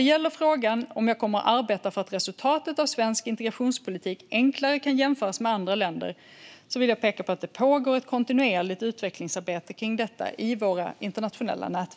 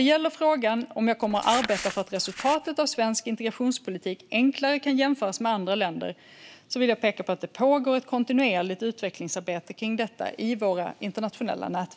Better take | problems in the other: first | background sound (Crumpling, crinkling); 11 dB below the speech

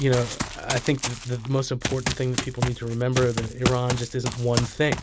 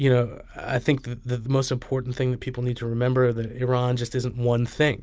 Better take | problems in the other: second | background sound (Run); 5 dB below the speech

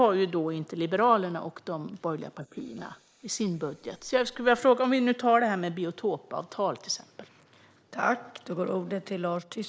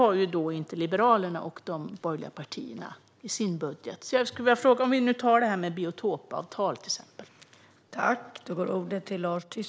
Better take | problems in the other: second | noise reduction (neural mask model Resemble Enhance denoiser)

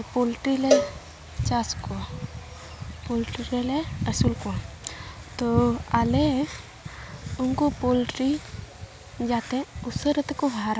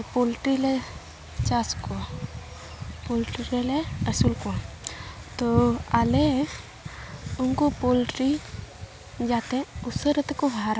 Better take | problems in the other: second | background sound (Cowbell); 2 dB below the speech

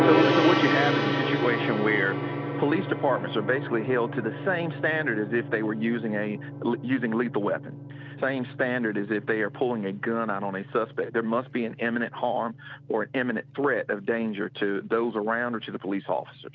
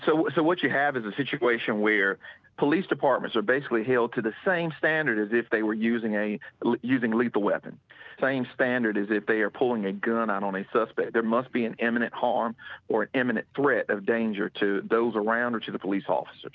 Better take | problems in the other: second | background sound (Gong); 3 dB below the speech

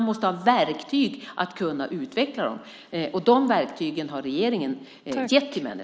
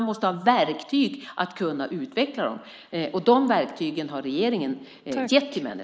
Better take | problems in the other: first | noise reduction (neural mask model Resemble Enhance denoiser)

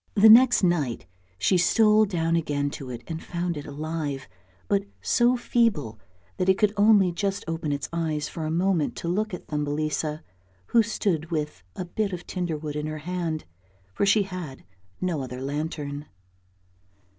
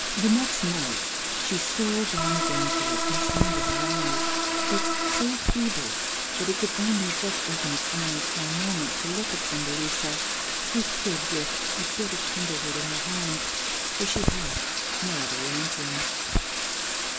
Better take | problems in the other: first | background sound (Organ + Bathtub (filling or washing)); 5 dB above the speech

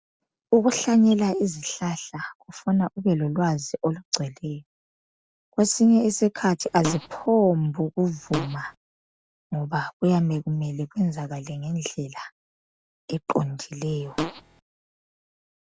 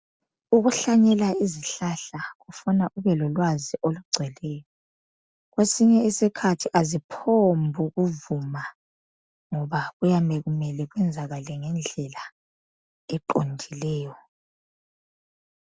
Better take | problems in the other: second | background sound (Fart); 7 dB below the speech

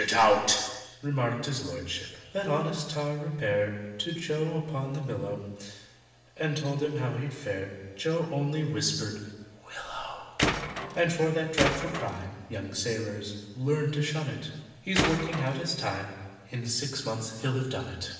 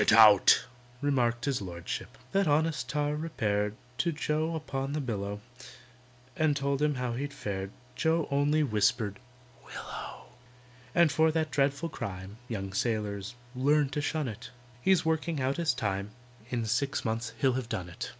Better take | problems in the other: second | background sound (Tools); as loud as the speech // room echo; dies away in 1.1 s

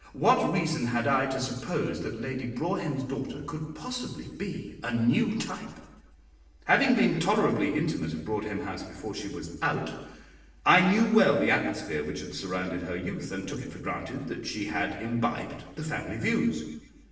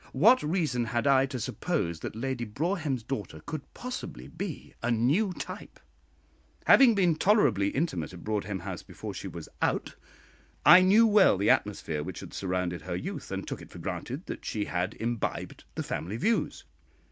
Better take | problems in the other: second | room echo; dies away in 1 s

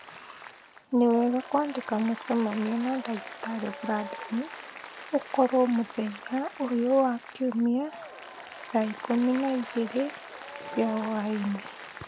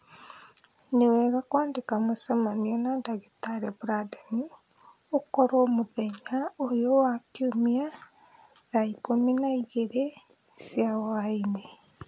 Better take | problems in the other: second | background sound (Applause); 14 dB below the speech

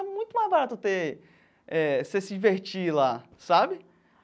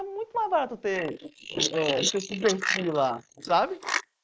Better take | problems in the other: first | noise reduction (neural mask model Resemble Enhance denoiser)

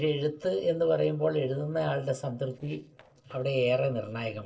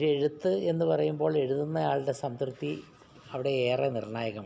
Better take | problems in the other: second | noise reduction (neural separator model SepFormer DNS4)

